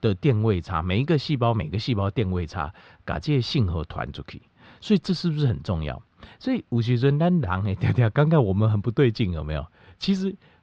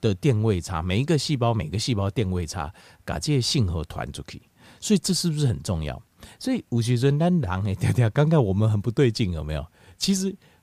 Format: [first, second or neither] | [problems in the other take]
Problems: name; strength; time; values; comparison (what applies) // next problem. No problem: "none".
second | muffled; slightly; fading above 4 kHz